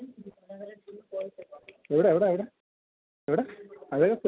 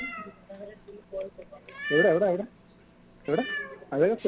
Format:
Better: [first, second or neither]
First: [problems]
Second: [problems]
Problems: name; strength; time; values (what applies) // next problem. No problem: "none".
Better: first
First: none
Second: background sound (Meow); 9 dB below the speech